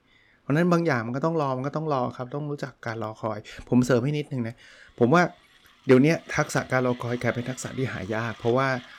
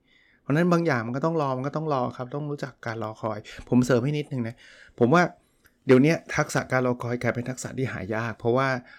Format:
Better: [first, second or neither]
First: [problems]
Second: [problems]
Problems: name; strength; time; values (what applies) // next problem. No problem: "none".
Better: second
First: machinery noise; faint; throughout; 20 dB below the speech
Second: none